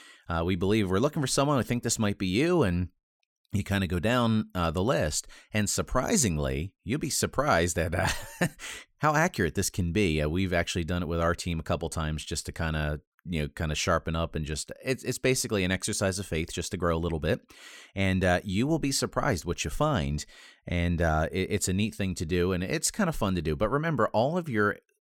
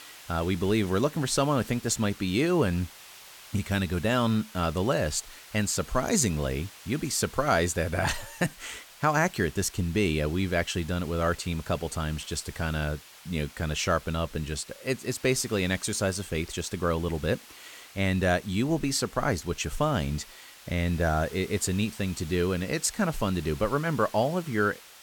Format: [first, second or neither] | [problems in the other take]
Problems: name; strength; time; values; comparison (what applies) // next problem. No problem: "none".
first | hiss; noticeable; throughout; 20 dB below the speech